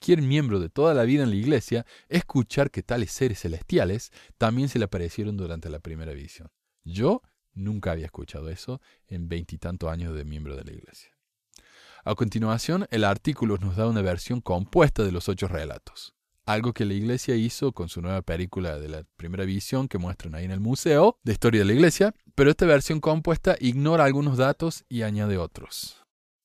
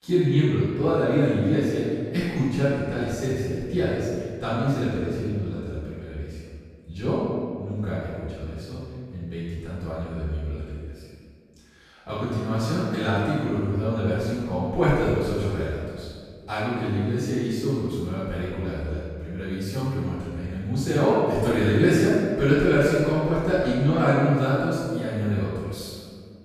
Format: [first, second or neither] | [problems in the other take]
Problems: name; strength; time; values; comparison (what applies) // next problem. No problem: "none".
first | room echo; strong; dies away in 1.7 s // off-mic speech; far